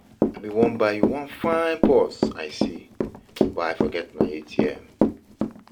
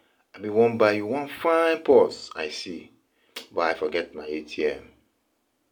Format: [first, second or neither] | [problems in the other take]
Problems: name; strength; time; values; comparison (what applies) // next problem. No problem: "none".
second | background sound (Walk, footsteps / Run); 1 dB above the speech